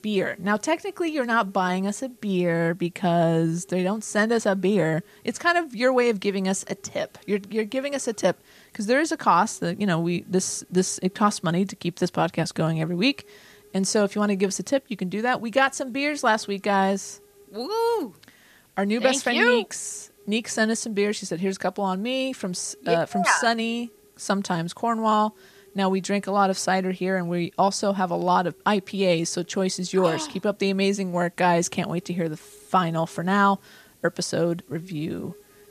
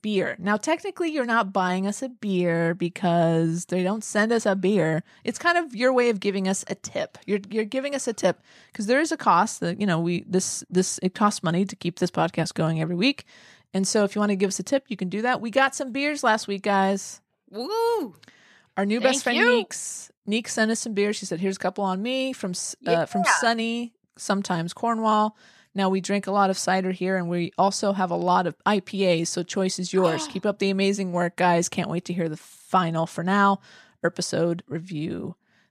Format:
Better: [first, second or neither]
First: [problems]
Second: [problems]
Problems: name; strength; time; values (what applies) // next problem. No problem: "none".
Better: second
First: hiss; faint; throughout; 30 dB below the speech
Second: none